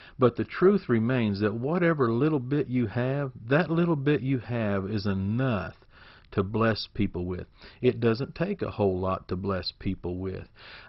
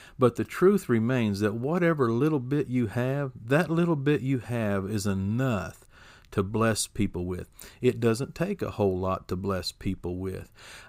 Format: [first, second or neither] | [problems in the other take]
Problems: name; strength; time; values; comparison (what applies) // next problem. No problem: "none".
second | garbled, watery; badly; nothing above 5.5 kHz